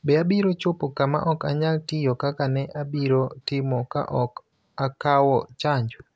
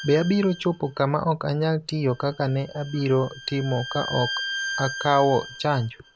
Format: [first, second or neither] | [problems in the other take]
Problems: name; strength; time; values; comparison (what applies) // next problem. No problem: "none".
first | background sound (Bowed string instrument); 12 dB below the speech